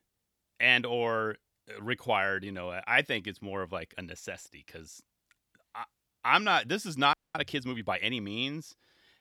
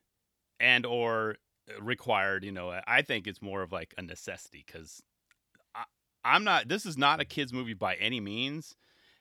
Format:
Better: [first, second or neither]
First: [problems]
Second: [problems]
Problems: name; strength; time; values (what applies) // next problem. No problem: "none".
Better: second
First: audio freezing; at 7 s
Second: none